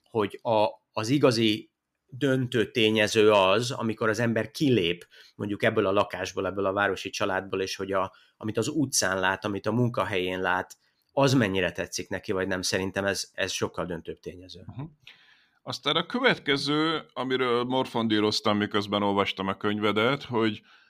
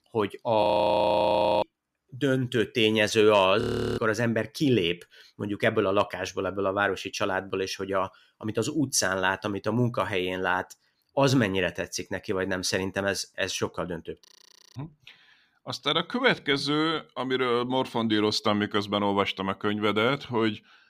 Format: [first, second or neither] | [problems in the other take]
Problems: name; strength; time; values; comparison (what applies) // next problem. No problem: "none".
first | audio freezing; at 0.5 s for 1 s, at 3.5 s and at 14 s for 0.5 s